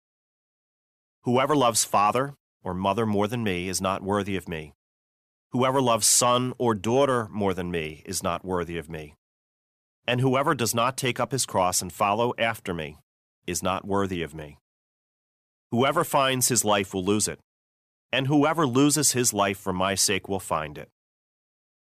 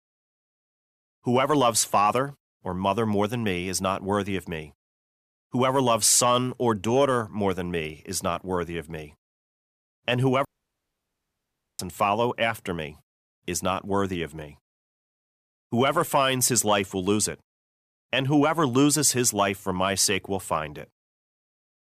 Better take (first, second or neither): first